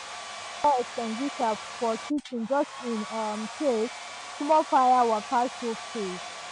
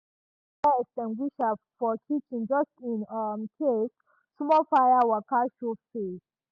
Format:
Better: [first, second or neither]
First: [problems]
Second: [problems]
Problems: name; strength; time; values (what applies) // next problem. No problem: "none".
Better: second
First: background sound (Domestic sounds, home sounds); 11 dB below the speech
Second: none